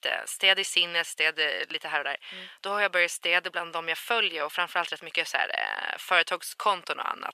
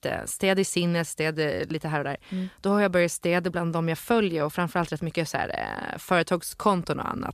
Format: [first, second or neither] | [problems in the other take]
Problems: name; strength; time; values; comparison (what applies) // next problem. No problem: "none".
second | thin; very; fading below 700 Hz